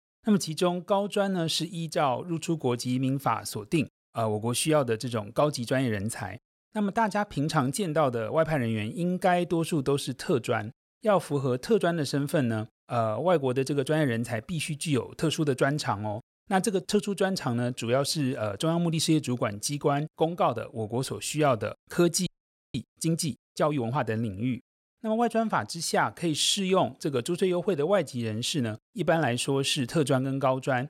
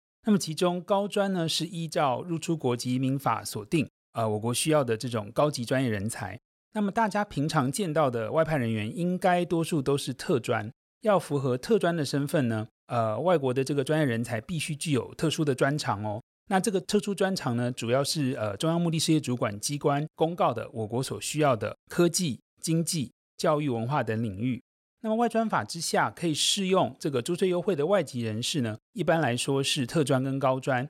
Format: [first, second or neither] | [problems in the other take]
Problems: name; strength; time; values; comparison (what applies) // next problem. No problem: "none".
second | audio freezing; at 22 s